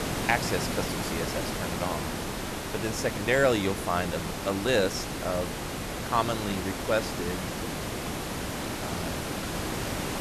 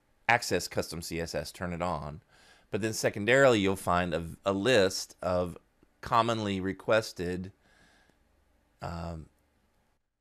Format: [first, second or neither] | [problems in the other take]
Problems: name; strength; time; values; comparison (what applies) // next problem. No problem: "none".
second | hiss; loud; throughout; 3 dB below the speech